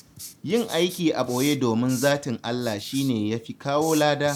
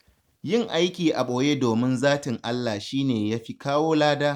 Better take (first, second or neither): second